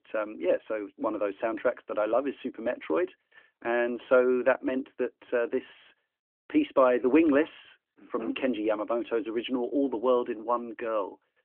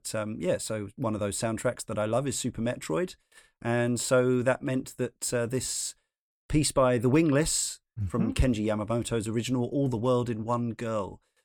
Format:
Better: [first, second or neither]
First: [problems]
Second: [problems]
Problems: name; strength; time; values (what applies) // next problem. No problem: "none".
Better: second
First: phone-call audio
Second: none